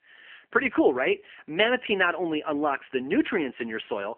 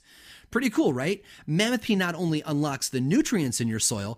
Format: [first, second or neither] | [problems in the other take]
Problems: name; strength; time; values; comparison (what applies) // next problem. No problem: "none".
second | phone-call audio; nothing above 3 kHz